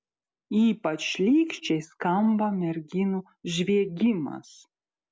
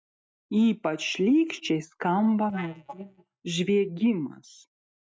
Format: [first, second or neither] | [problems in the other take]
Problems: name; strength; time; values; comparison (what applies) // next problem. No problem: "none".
first | noise reduction (neural mask model DeepFilterNet 3)